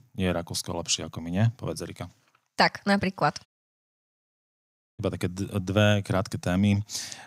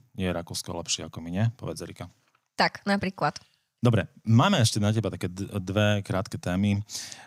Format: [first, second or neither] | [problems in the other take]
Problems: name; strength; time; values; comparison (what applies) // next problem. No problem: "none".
second | audio cutting out; at 3.5 s for 1.5 s